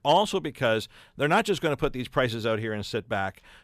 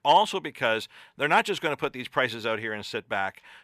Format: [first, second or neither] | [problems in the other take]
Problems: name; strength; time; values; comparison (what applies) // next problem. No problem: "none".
first | thin; very slightly; fading below 500 Hz